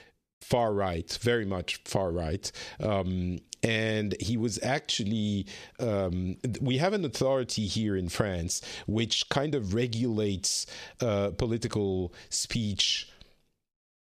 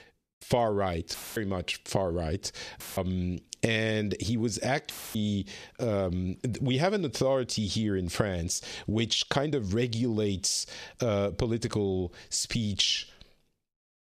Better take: first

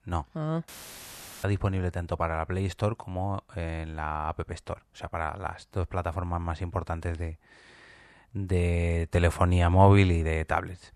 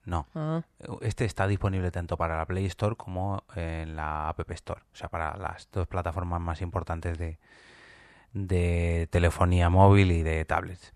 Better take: second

